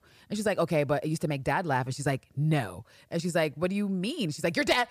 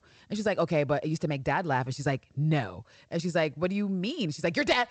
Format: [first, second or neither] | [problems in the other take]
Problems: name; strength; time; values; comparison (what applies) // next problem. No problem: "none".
first | garbled, watery; slightly; nothing above 8 kHz